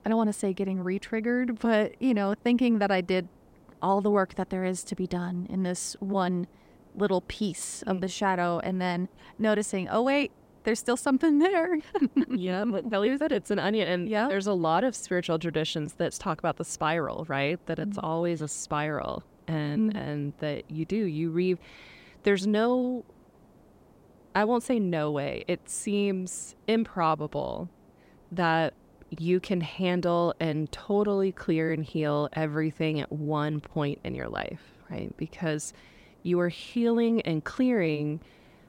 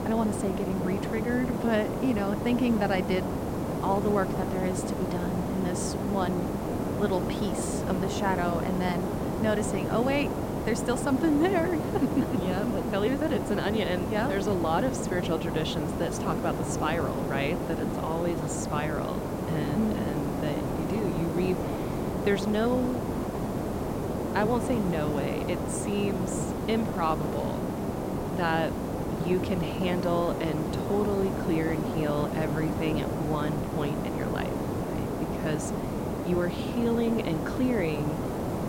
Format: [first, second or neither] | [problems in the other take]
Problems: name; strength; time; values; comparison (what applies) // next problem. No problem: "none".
first | hiss; loud; throughout; 1 dB below the speech; faint in the first